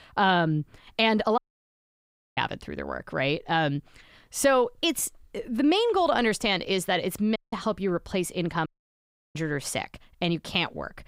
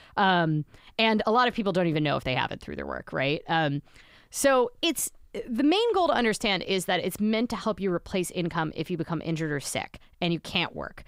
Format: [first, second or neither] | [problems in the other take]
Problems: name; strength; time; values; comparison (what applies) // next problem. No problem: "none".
second | audio cutting out; at 1.5 s for 1 s, at 7.5 s and at 8.5 s for 0.5 s